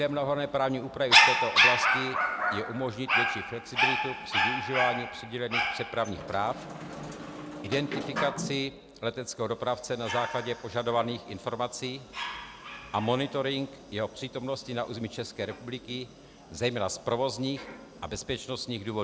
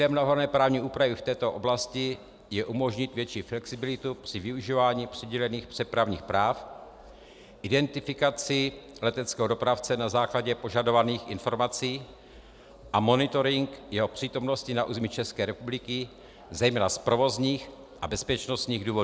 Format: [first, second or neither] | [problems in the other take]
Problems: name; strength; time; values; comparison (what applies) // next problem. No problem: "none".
second | background sound (Dog); 1 dB above the speech